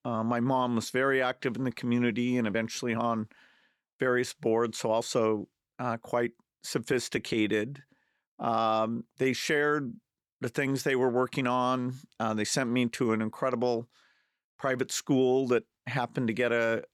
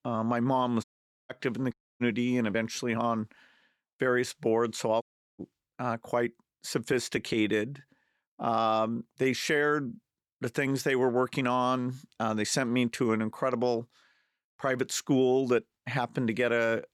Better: first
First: none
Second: audio cutting out; at 1 s, at 1.5 s and at 5 s

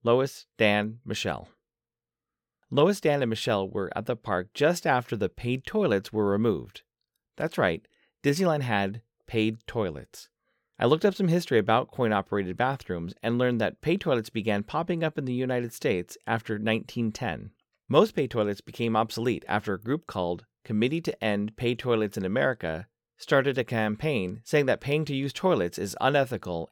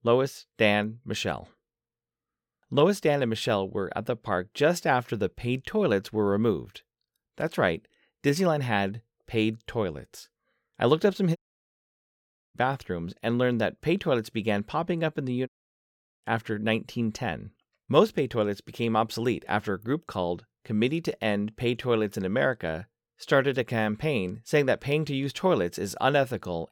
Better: first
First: none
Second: audio cutting out; at 11 s for 1 s and at 15 s for 0.5 s

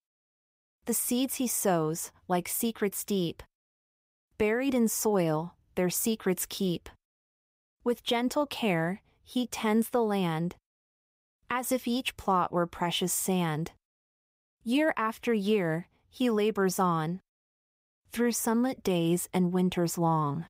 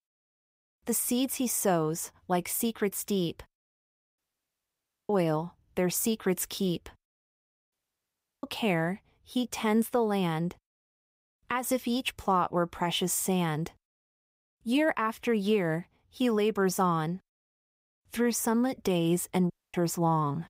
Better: first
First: none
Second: audio cutting out; at 4 s for 1 s, at 7.5 s for 0.5 s and at 20 s

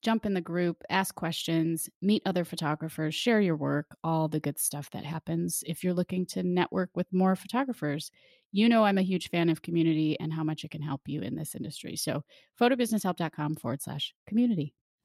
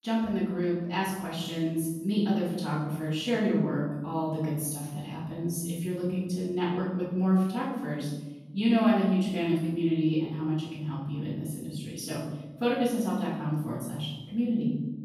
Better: first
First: none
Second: off-mic speech; far // room echo; noticeable; dies away in 1.1 s

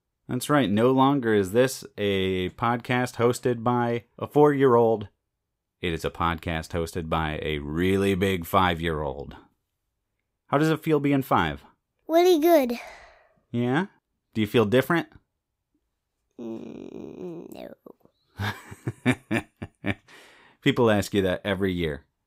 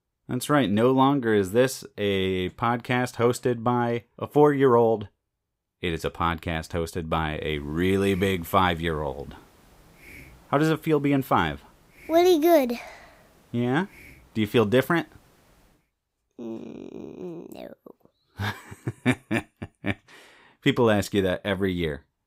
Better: first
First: none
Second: hiss; faint; from 7.5 to 16 s; 30 dB below the speech

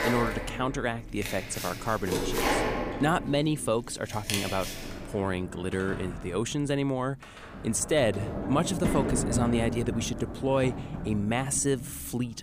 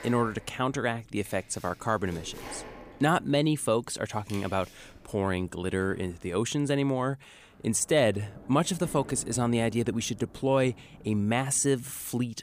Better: second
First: household noises; loud; throughout; 4 dB below the speech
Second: household noises; faint; throughout; 20 dB below the speech

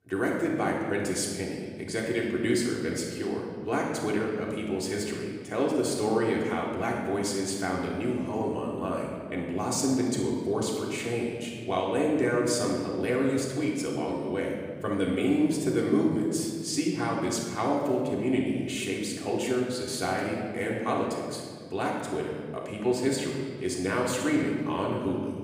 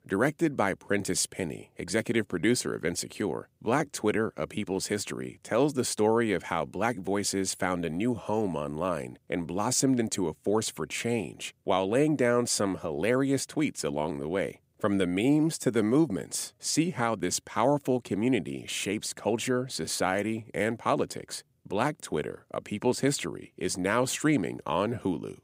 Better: second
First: room echo; noticeable; dies away in 1.7 s // off-mic speech; far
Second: none

